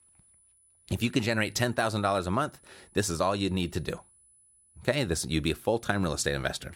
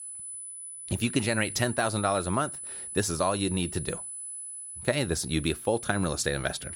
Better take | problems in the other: first | high-pitched whine; loud; throughout; 10 kHz, 8 dB below the speech; faint in the first

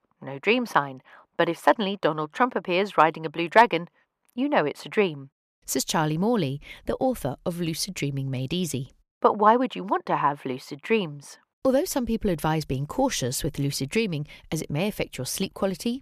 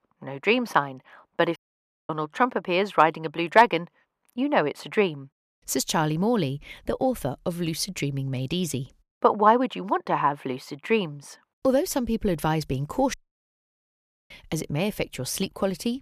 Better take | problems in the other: first | audio cutting out; at 1.5 s for 0.5 s and at 13 s for 1 s

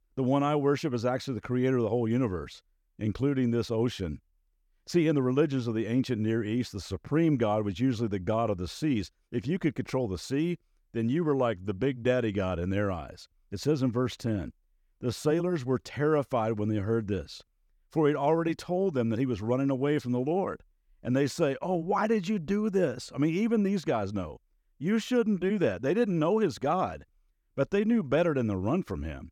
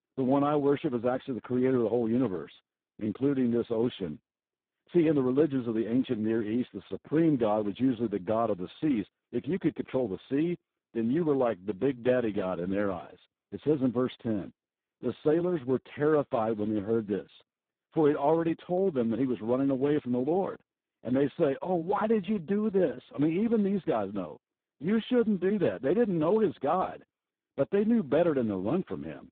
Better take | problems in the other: first | phone-call audio; poor line; nothing above 3.5 kHz

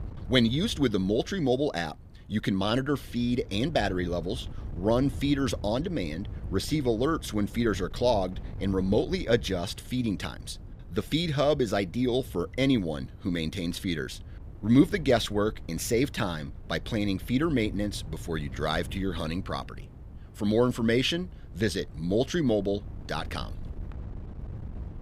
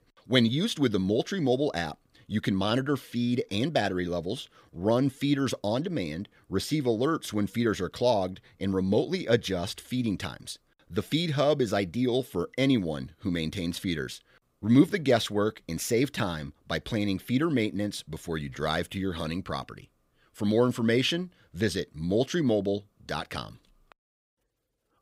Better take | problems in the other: second | wind noise on the microphone; occasional gusts; 25 dB below the speech

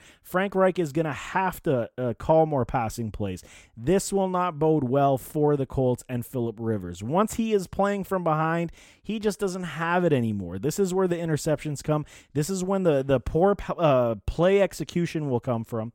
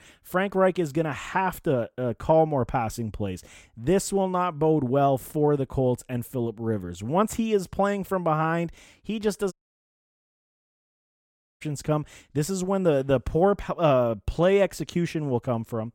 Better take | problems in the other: first | audio cutting out; at 9.5 s for 2 s

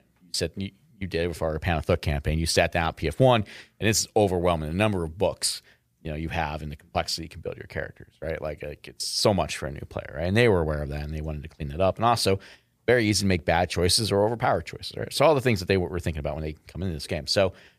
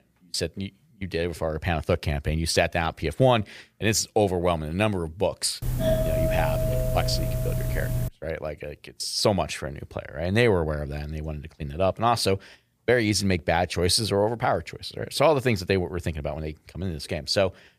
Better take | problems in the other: first | doorbell; loud; from 5.5 to 8 s; peak 1 dB above the speech

